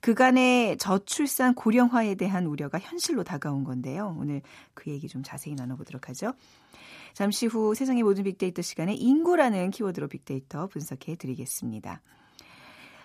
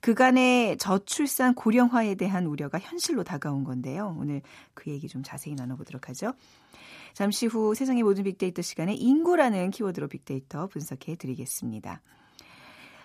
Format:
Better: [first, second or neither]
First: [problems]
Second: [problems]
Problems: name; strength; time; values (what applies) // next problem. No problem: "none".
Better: neither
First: none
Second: none